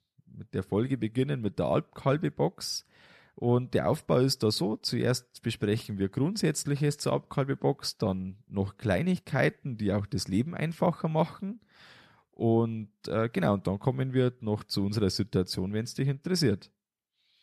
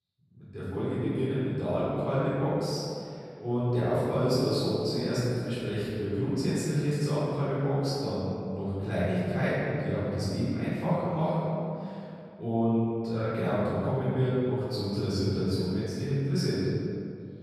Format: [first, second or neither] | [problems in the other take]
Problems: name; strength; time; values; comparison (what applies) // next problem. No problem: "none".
first | room echo; strong; dies away in 2.3 s // off-mic speech; far